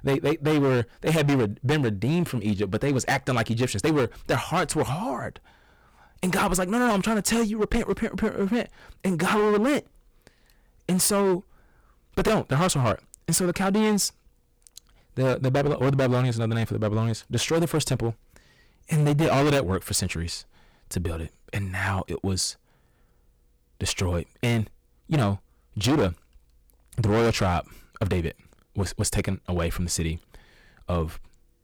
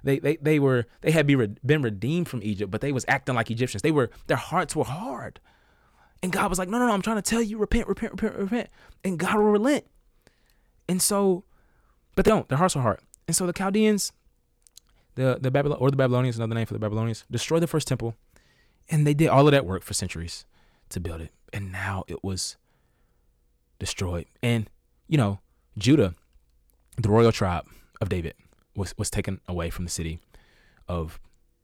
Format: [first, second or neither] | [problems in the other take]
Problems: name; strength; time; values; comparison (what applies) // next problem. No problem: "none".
second | distortion; heavy; 11% of the sound clipped